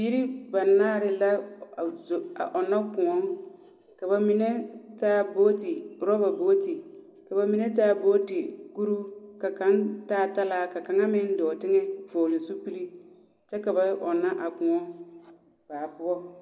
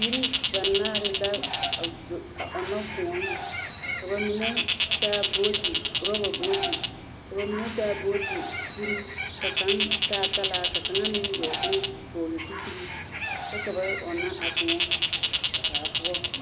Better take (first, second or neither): first